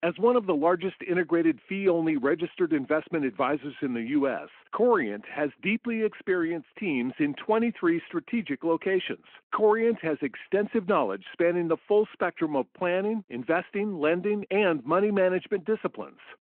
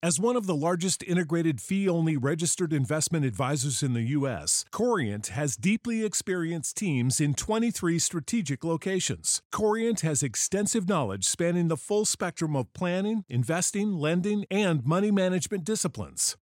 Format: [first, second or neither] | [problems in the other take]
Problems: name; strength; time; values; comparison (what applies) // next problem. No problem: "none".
second | phone-call audio